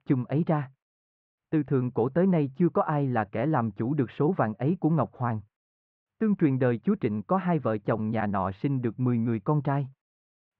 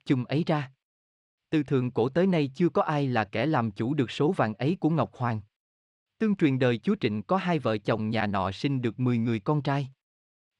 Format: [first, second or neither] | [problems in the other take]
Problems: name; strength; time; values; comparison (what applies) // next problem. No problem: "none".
second | muffled; very; fading above 1.5 kHz